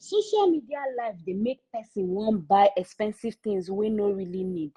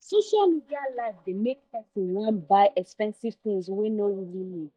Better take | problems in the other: first | noise reduction (neural mask model DeepFilterNet 3)

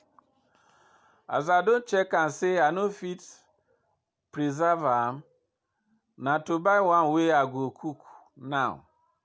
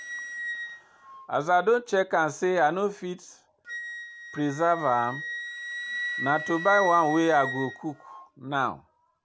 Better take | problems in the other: first | background sound (Wind instrument, woodwind instrument); 10 dB below the speech

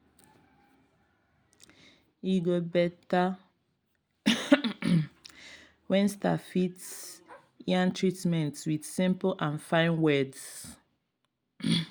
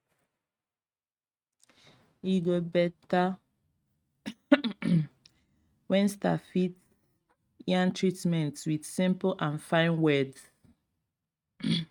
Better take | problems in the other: first | noise reduction (neural mask model RNNoise)

